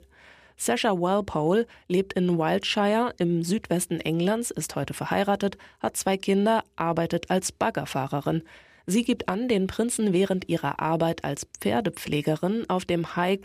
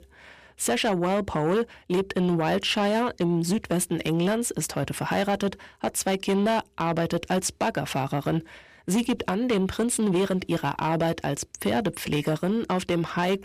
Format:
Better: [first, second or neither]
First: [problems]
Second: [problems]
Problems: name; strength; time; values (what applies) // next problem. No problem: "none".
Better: first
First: none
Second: distortion; slight; 10 dB below the speech